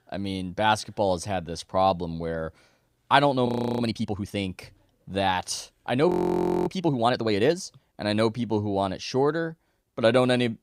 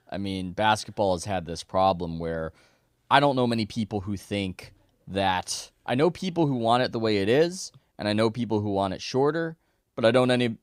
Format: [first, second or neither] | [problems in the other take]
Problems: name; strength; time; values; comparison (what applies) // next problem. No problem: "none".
second | audio freezing; at 3.5 s and at 6 s for 0.5 s